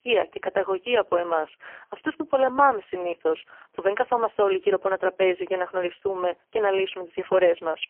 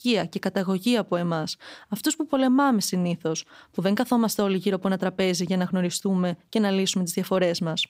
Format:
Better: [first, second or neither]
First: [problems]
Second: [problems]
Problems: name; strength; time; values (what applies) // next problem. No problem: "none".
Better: second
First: phone-call audio; poor line; nothing above 3 kHz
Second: none